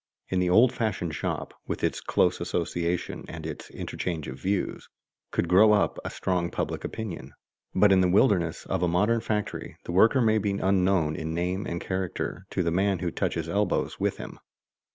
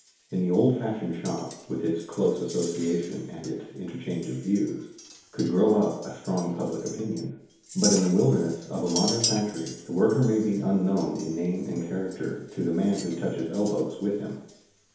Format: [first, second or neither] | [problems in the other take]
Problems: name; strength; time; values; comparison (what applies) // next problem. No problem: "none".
first | background sound (Chink, clink); 13 dB below the speech // room echo; dies away in 2.2 s